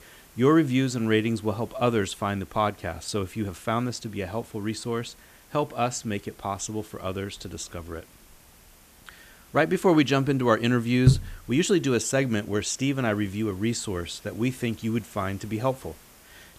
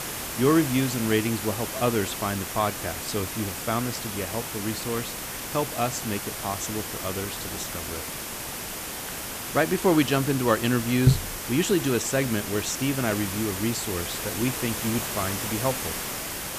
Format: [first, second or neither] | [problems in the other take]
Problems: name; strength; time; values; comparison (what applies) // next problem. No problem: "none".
first | hiss; loud; throughout; 4 dB below the speech; faint in the first